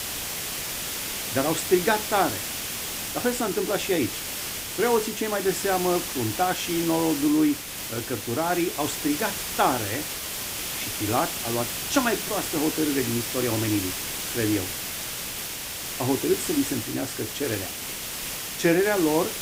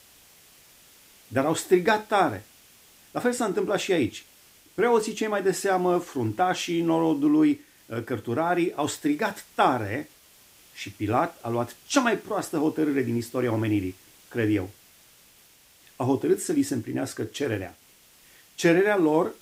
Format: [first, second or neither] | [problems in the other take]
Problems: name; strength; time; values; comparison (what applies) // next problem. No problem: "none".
second | hiss; loud; throughout; 3 dB below the speech; faint in the second